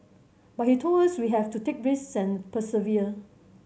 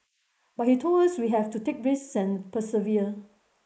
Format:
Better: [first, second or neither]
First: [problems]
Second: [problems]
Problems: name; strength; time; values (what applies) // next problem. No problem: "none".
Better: first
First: none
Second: noise reduction (neural mask model Resemble Enhance denoiser)